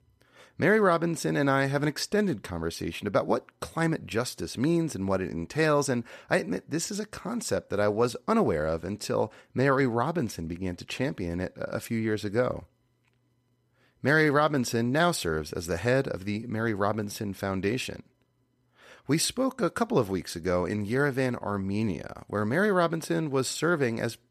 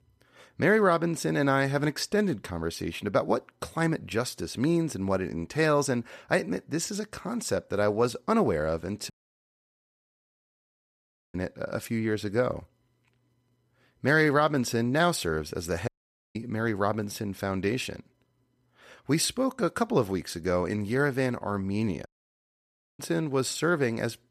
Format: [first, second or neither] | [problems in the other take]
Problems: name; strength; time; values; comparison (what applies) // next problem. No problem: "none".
first | audio cutting out; at 9 s for 2 s, at 16 s and at 22 s for 1 s